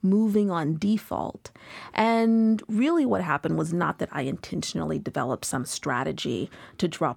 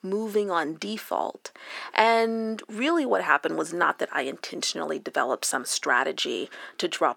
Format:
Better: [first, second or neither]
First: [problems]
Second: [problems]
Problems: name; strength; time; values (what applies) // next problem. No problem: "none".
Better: first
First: none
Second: thin; somewhat; fading below 350 Hz